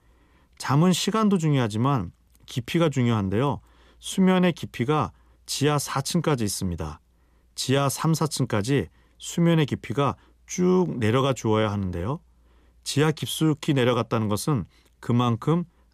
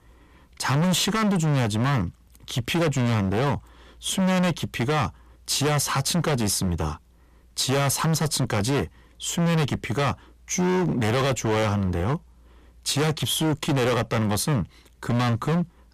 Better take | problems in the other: first | distortion; heavy; 24% of the sound clipped

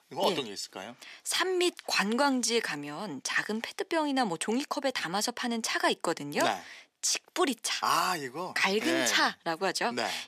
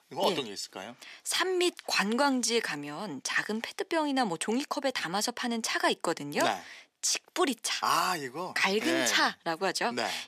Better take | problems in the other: neither | thin; somewhat; fading below 400 Hz; the same in both

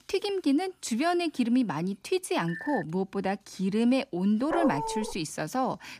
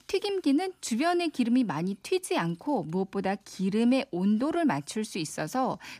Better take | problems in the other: second | phone ringing; noticeable; at 2.5 s; peak 9 dB below the speech // dog barking; noticeable; at 4.5 s; peak 2 dB below the speech

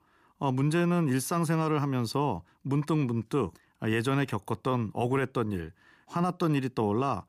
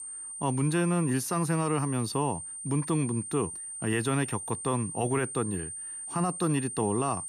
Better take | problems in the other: first | high-pitched whine; loud; throughout; 9 kHz, 7 dB below the speech

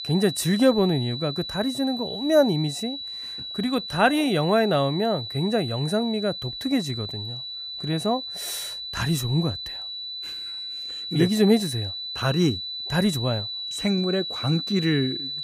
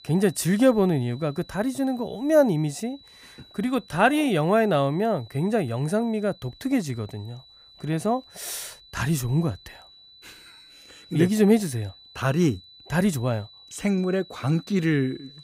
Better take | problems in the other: second | high-pitched whine; loud; throughout; 4 kHz, 6 dB below the speech; faint in the second

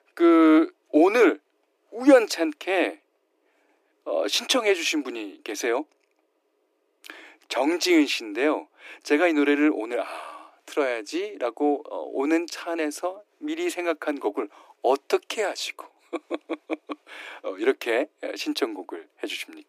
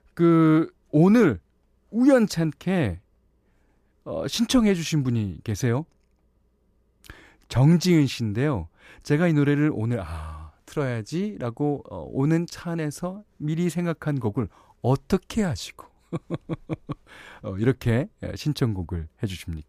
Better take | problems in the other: second | thin; somewhat; fading below 300 Hz

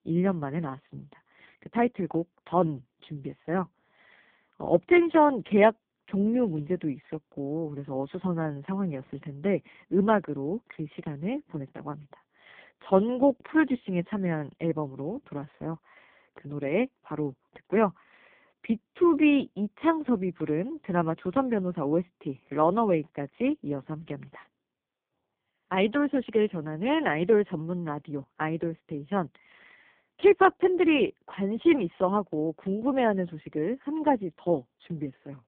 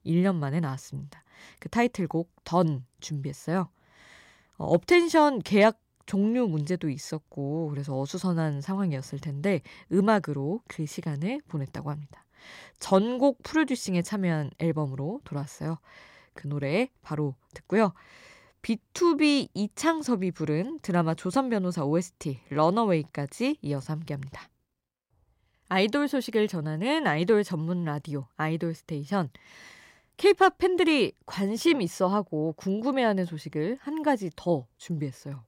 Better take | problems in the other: second | phone-call audio; poor line

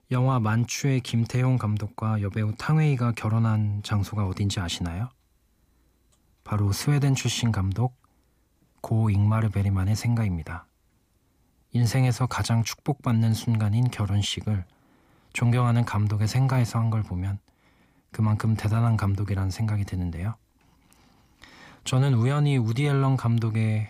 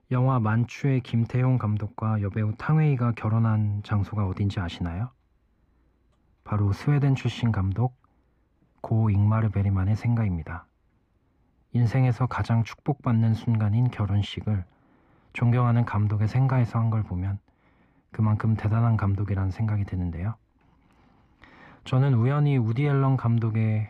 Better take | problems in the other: first | muffled; very; fading above 4 kHz

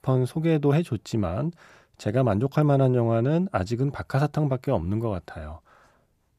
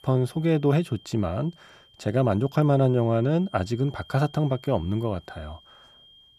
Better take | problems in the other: first | high-pitched whine; faint; throughout; 3 kHz, 25 dB below the speech

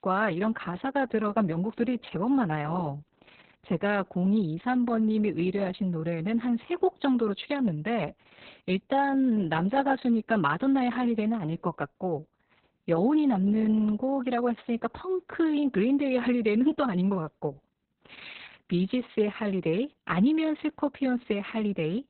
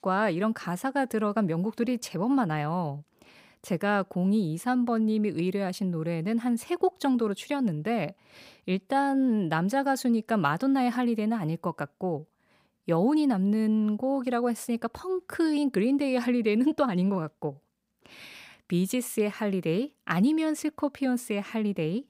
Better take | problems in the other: second | garbled, watery; badly; nothing above 4 kHz

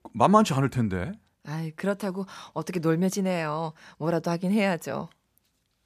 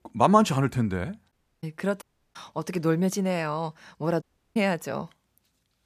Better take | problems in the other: first | audio cutting out; at 1.5 s, at 2 s and at 4 s

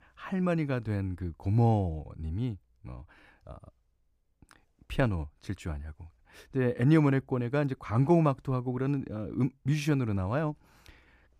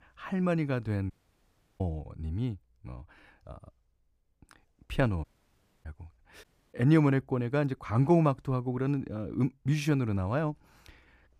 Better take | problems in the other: first | audio cutting out; at 1 s for 0.5 s, at 5 s for 0.5 s and at 6.5 s

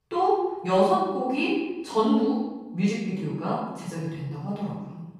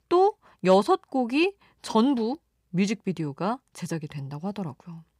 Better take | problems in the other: second | off-mic speech; far // room echo; noticeable; dies away in 1 s

